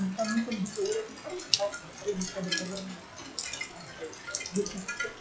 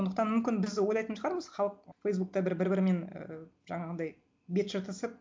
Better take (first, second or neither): second